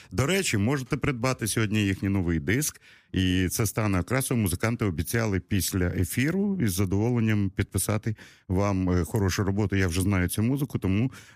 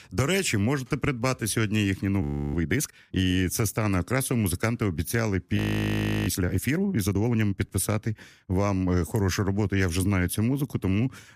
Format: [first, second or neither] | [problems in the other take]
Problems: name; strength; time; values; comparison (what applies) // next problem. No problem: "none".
first | audio freezing; at 2 s and at 5.5 s for 0.5 s